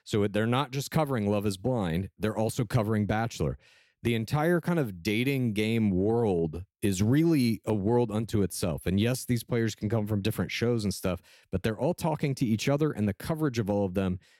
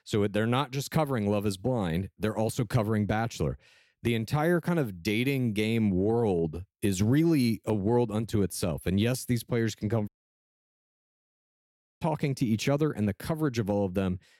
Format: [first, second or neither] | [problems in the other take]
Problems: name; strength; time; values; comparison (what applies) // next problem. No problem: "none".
first | audio cutting out; at 10 s for 2 s